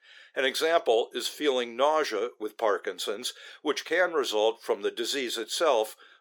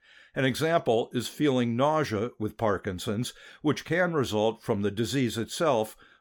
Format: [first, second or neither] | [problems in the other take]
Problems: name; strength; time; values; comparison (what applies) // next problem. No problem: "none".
second | thin; very; fading below 400 Hz